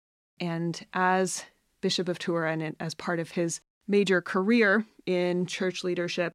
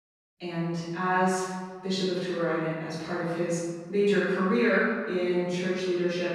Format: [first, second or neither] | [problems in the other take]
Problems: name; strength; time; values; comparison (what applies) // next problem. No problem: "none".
first | off-mic speech; far // room echo; strong; dies away in 1.4 s